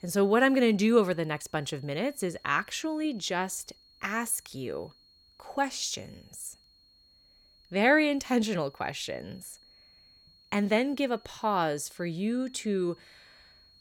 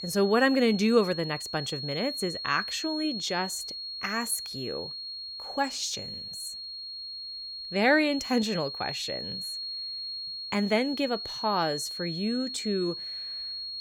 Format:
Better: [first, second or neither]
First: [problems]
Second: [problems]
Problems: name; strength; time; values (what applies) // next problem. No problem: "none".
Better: first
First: high-pitched whine; faint; throughout; 4.5 kHz, 30 dB below the speech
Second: high-pitched whine; loud; throughout; 4.5 kHz, 6 dB below the speech